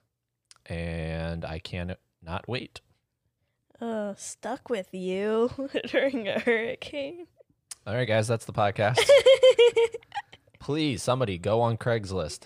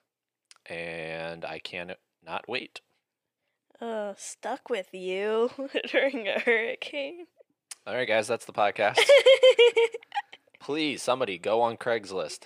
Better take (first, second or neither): first